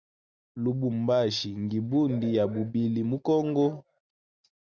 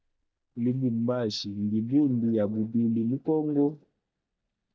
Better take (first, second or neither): first